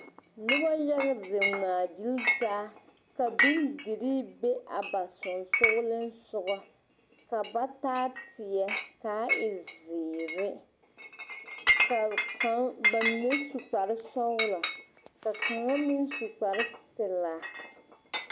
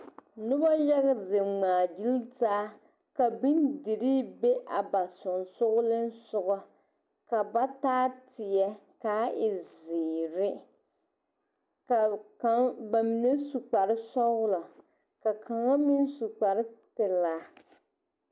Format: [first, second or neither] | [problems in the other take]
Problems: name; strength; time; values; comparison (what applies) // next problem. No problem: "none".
second | background sound (Chink, clink); 2 dB below the speech